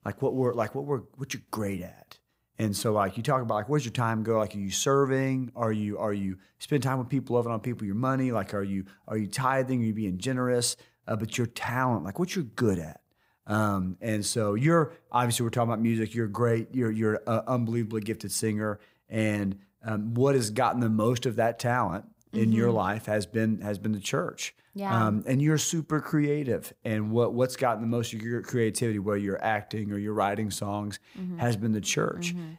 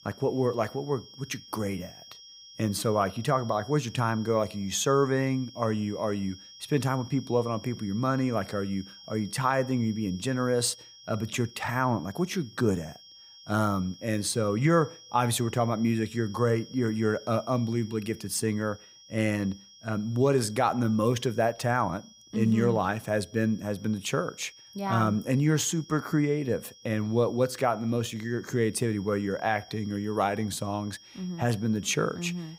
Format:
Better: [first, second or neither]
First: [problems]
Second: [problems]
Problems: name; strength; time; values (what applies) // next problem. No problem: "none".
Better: first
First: none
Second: high-pitched whine; noticeable; throughout; 5.5 kHz, 20 dB below the speech